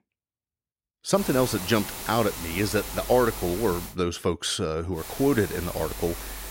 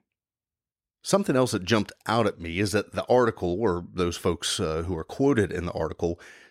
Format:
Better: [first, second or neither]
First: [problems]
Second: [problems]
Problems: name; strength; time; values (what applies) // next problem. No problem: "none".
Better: second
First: hiss; very faint; from 1 to 4 s and from 5 s on; 9 dB below the speech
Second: none